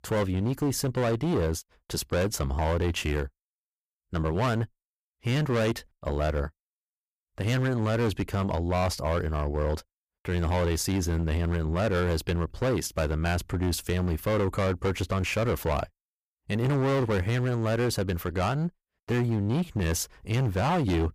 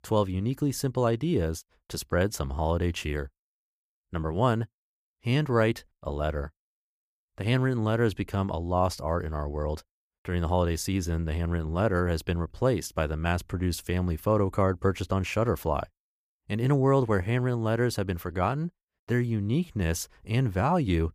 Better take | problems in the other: second | distortion; heavy; 20% of the sound clipped

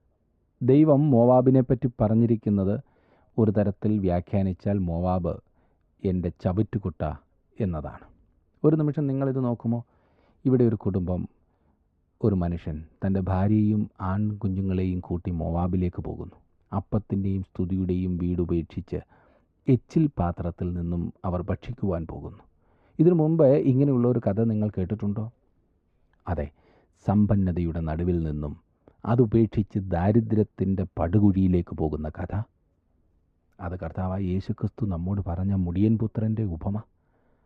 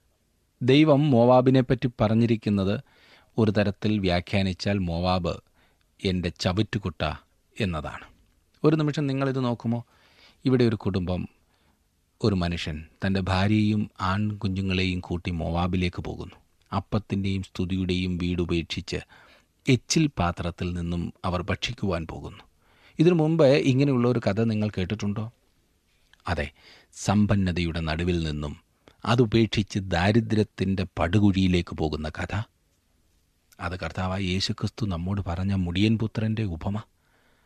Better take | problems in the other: second | muffled; very; fading above 2 kHz

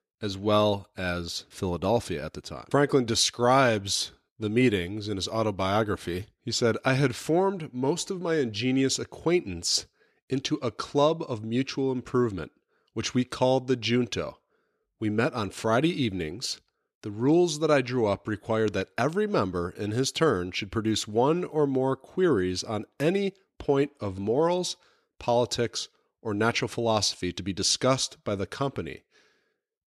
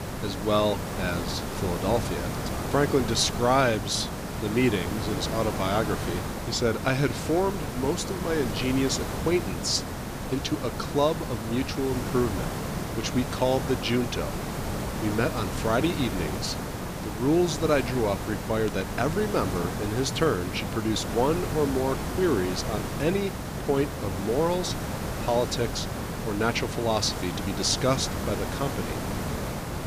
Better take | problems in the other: first | hiss; loud; throughout; 5 dB below the speech

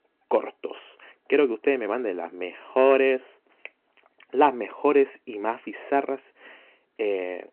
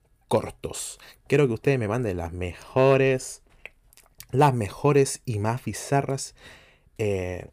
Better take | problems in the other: second | phone-call audio

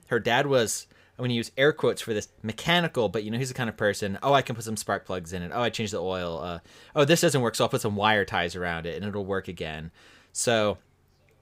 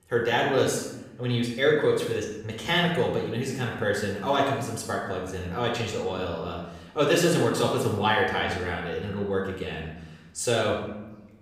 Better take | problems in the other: first | off-mic speech; somewhat distant // room echo; noticeable; dies away in 0.8 s

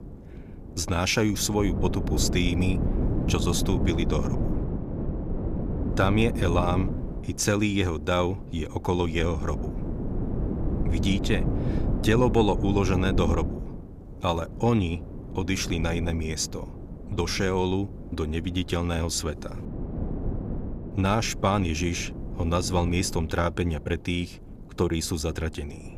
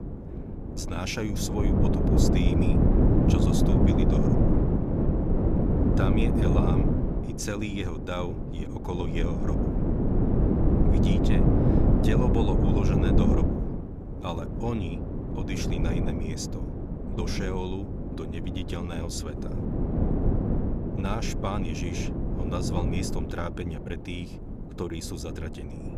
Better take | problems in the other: first | wind noise on the microphone; heavy; 3 dB above the speech; occasional gusts in the first

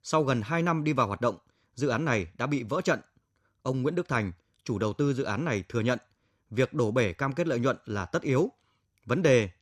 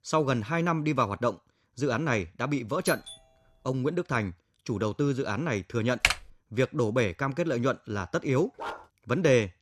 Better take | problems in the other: first | doorbell; noticeable; at 3 s; peak 9 dB below the speech // keyboard typing; loud; at 6 s; peak 3 dB above the speech // dog barking; noticeable; at 8.5 s; peak 10 dB below the speech

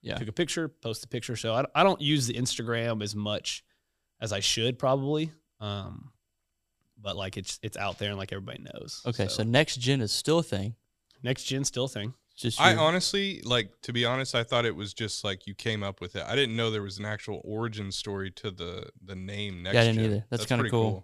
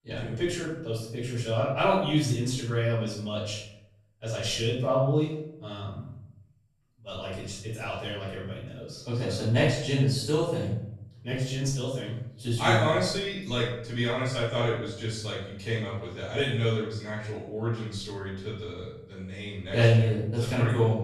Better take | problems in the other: first | off-mic speech; far // room echo; noticeable; dies away in 0.7 s

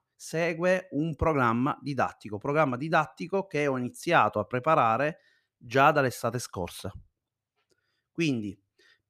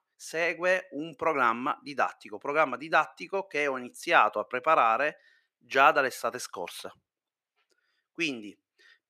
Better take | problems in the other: first | thin; somewhat; fading below 350 Hz

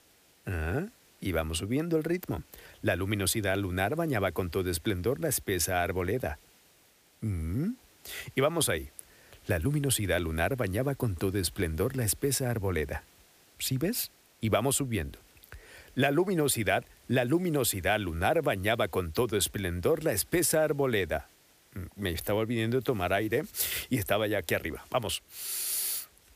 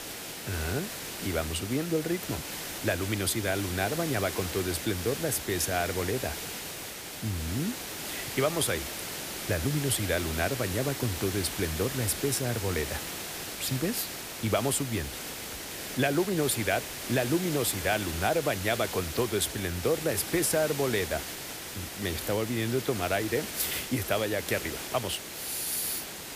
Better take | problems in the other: first | hiss; loud; throughout; 5 dB below the speech; faint in the first

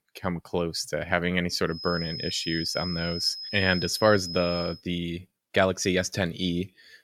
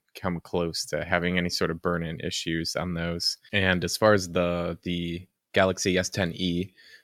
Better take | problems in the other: second | high-pitched whine; loud; from 2 to 4.5 s; 5 kHz, 7 dB below the speech

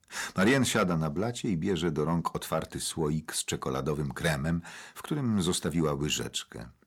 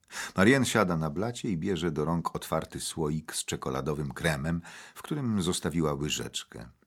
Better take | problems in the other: second | distortion; slight; 10 dB below the speech

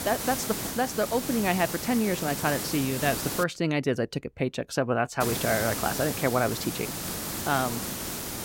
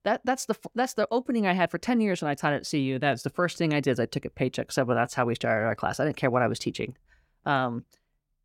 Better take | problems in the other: second | hiss; loud; until 3.5 s and from 5 s on; 4 dB below the speech

